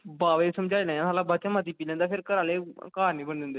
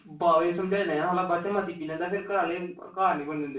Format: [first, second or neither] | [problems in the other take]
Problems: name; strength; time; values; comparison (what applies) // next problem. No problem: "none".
first | room echo; dies away in 0.3 s